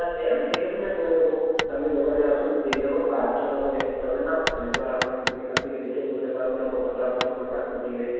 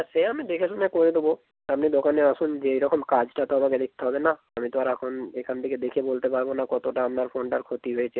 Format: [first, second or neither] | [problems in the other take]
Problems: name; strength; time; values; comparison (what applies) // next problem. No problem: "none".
second | background sound (Hammer); 10 dB below the speech // room echo; dies away in 1.9 s